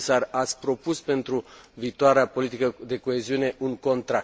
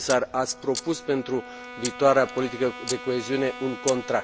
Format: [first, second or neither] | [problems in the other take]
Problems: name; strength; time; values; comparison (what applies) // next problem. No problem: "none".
first | background sound (Brass instrument + Camera); 11 dB below the speech